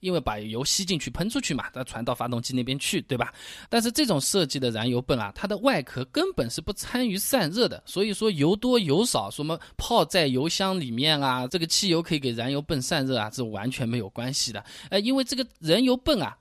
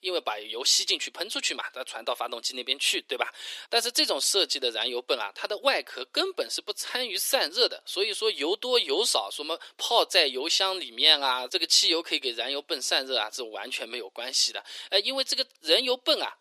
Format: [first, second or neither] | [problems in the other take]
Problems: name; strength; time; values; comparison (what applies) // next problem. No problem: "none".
first | thin; very; fading below 350 Hz